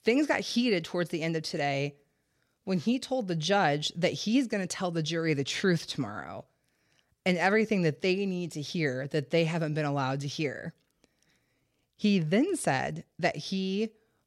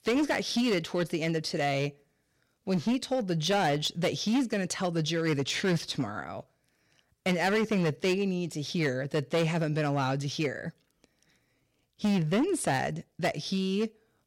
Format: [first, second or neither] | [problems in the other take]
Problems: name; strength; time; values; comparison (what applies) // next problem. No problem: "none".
first | distortion; slight; 8% of the sound clipped